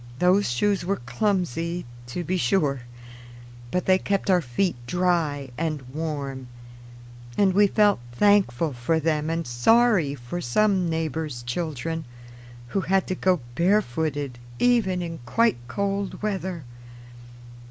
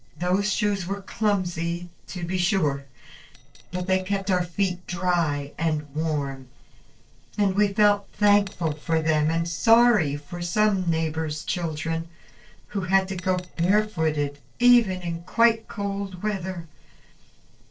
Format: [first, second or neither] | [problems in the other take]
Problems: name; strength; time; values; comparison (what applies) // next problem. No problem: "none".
first | noise reduction (neural separator model SepFormer DNS4)